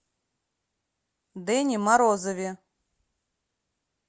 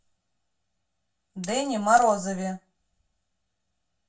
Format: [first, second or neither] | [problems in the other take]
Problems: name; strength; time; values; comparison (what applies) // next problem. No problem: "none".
first | background sound (Coin (dropping)); 16 dB below the speech // room echo; dies away in 0.2 s